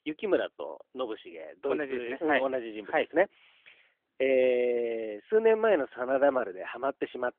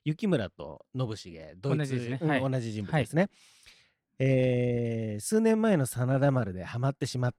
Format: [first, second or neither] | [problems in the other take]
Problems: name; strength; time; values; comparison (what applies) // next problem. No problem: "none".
second | phone-call audio; nothing above 3.5 kHz